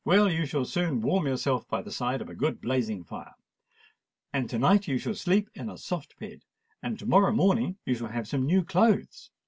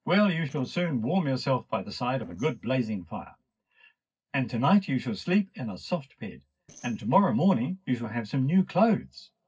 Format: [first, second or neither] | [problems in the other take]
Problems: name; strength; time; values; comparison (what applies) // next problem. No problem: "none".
first | noise reduction (neural separator model SepFormer DNS4)